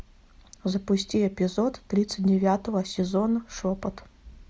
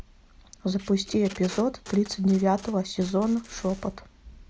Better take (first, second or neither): first